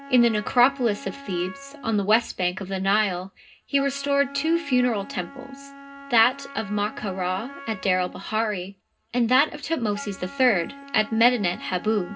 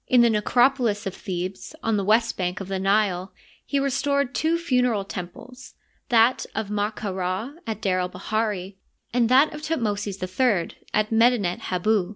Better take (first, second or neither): second